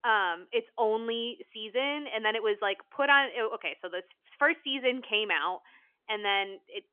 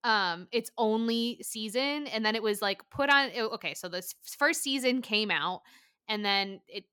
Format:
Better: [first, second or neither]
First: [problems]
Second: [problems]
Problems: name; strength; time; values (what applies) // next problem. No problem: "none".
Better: second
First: phone-call audio; nothing above 3.5 kHz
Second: none